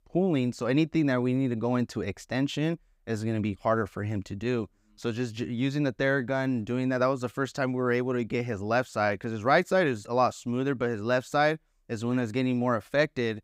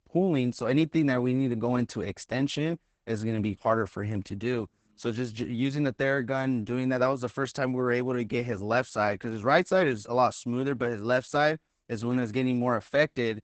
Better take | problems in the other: first | garbled, watery; badly; nothing above 8 kHz

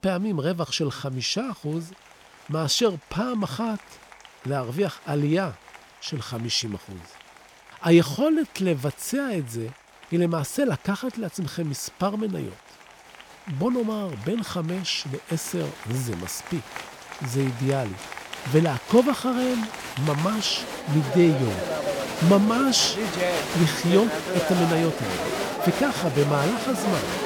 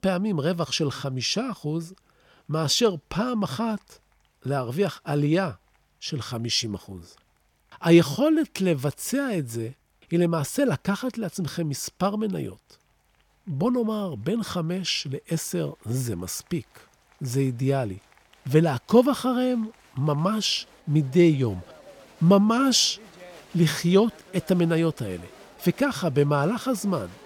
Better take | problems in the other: second | crowd noise; loud; throughout; 6 dB below the speech; faint in the second

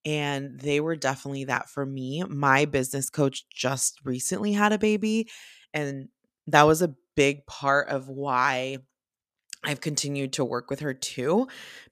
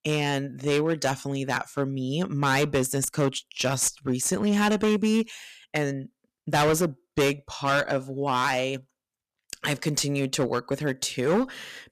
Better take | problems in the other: first | distortion; heavy; 9% of the sound clipped

